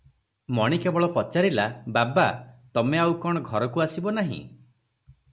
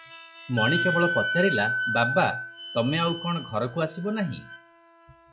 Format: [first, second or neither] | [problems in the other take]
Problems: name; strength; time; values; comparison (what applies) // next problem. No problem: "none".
first | noise reduction (classical method log-MMSE)